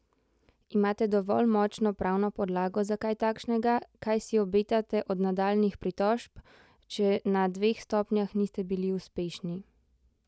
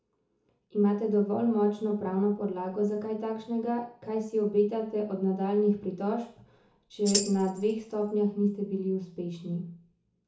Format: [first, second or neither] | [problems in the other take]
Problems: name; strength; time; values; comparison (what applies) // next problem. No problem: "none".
first | background sound (Tambourine); 6 dB below the speech // room echo; dies away in 0.7 s